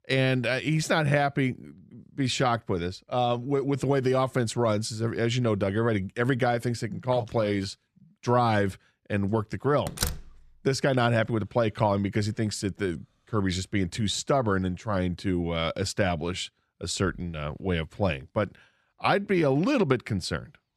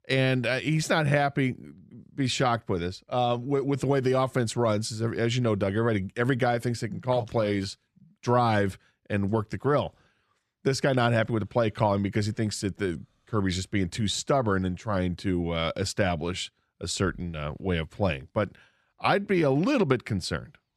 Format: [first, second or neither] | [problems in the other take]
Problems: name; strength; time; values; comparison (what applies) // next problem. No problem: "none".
second | door banging; noticeable; at 10 s; peak 4 dB below the speech